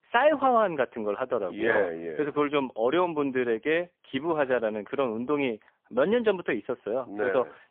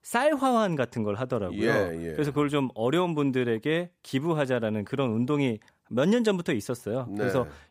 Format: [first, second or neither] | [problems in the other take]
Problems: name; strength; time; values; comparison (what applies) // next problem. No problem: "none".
second | phone-call audio; poor line; nothing above 3.5 kHz